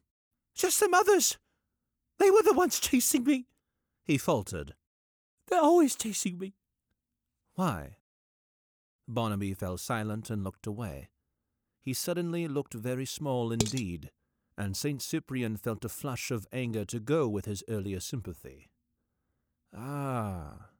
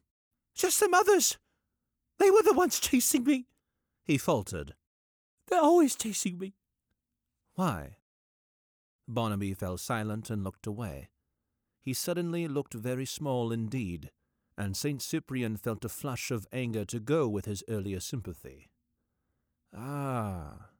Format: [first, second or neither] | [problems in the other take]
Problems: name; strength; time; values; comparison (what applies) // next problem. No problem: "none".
second | clattering dishes; noticeable; at 14 s; peak 4 dB below the speech